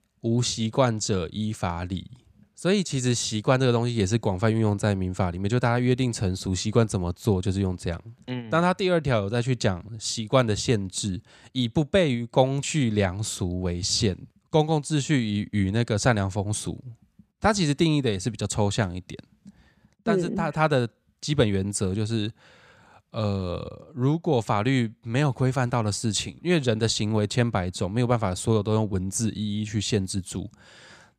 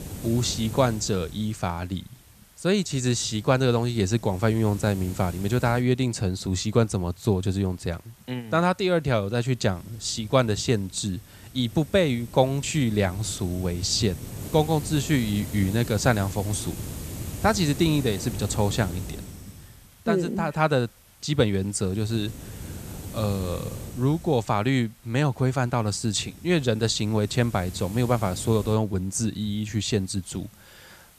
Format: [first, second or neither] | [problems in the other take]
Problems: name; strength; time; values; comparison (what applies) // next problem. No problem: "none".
first | hiss; noticeable; throughout; 15 dB below the speech